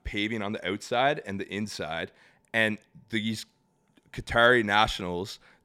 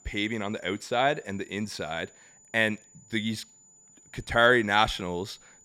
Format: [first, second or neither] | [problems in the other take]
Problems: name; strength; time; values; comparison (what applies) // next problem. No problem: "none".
first | high-pitched whine; faint; throughout; 7 kHz, 25 dB below the speech